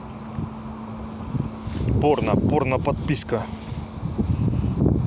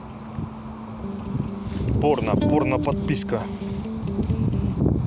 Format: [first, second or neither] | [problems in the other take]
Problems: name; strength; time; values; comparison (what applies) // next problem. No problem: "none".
first | background sound (Electric guitar); 6 dB below the speech